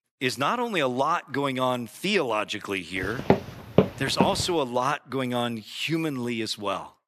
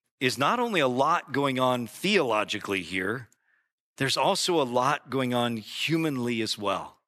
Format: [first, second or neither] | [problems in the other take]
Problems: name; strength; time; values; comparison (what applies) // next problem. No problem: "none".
second | footsteps; loud; from 3 to 4.5 s; peak 3 dB above the speech